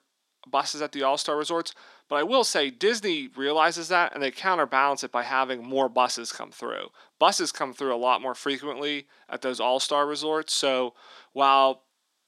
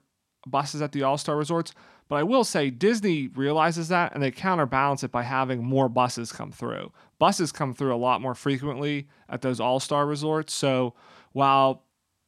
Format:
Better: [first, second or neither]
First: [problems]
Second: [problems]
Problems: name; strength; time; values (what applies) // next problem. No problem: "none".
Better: second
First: thin; somewhat; fading below 350 Hz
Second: none